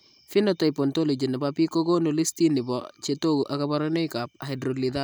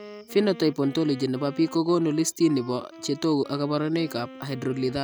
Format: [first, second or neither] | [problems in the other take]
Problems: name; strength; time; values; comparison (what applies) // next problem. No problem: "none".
first | background sound (Wind instrument, woodwind instrument); 18 dB below the speech